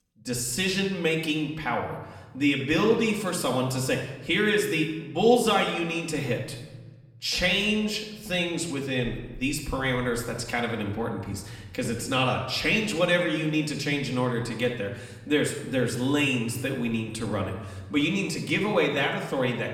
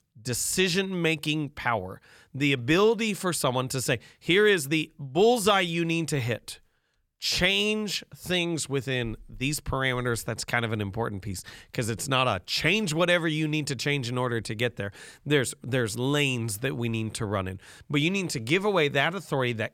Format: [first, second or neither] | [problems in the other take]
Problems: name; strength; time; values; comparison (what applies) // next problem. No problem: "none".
second | room echo; slight; dies away in 0.9 s // off-mic speech; far